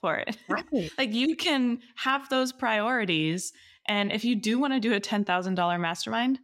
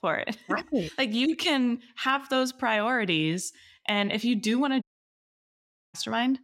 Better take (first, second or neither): first